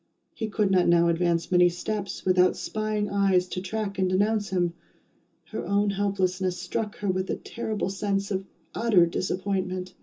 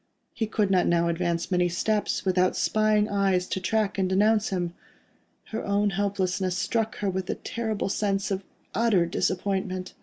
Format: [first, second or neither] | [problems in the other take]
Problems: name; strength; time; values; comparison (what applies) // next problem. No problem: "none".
second | room echo; dies away in 0.2 s